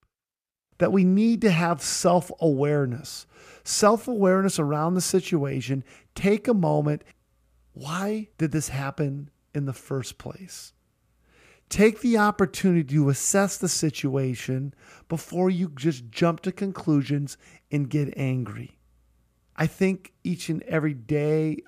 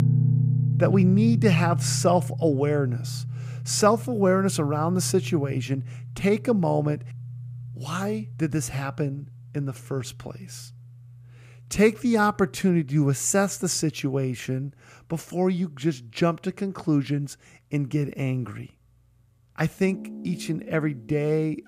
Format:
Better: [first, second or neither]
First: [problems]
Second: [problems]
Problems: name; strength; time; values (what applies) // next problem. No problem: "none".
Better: first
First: none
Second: background music; loud; throughout; 5 dB below the speech